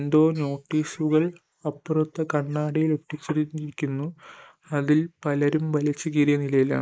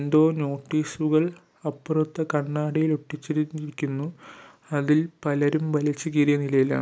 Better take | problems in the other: second | noise reduction (neural mask model Resemble Enhance denoiser)

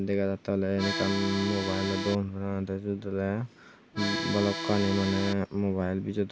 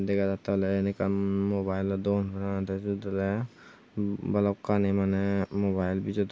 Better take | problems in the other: second | background sound (Accordion); 4 dB below the speech

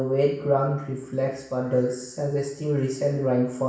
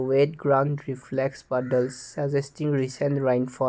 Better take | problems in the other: second | room echo; dies away in 0.7 s

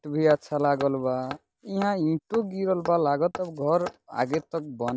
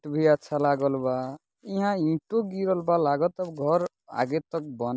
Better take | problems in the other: second | background sound (Hammer); 17 dB below the speech

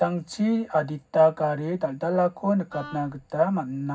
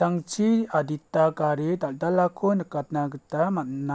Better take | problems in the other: second | background sound (Wind instrument, woodwind instrument); 19 dB below the speech // room echo; dies away in 0.4 s

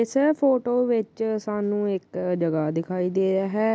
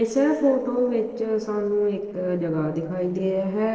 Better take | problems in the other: first | noise reduction (neural separator model SepFormer DNS4)

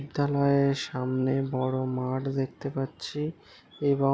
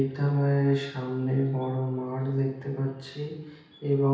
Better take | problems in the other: first | room echo; dies away in 0.9 s

